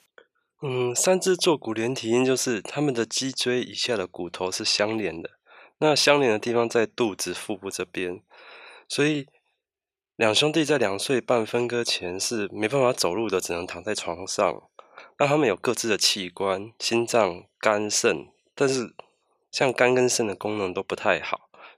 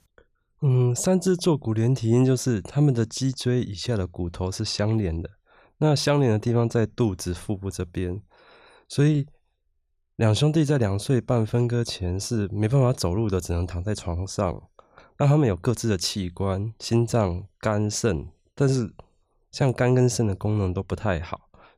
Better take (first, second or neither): second